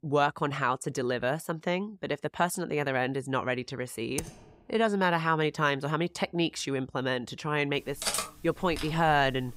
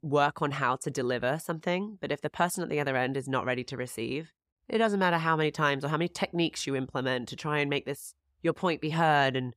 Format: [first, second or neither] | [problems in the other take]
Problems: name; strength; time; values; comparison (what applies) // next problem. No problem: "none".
second | keyboard typing; noticeable; at 4 s; peak 10 dB below the speech // clattering dishes; noticeable; from 8 s on; peak 1 dB below the speech